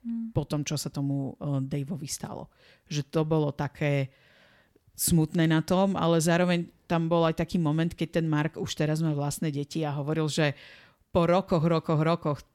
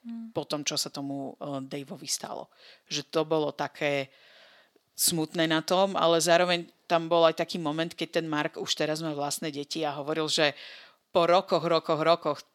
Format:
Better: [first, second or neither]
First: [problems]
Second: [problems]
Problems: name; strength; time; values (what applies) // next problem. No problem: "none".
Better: first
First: none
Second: thin; somewhat; fading below 300 Hz